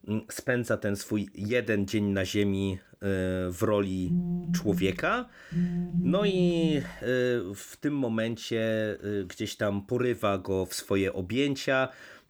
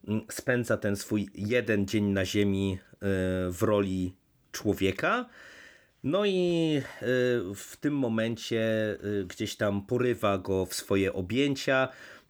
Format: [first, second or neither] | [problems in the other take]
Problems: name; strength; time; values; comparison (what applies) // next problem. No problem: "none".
second | phone ringing; loud; from 4 to 7 s; peak level with the speech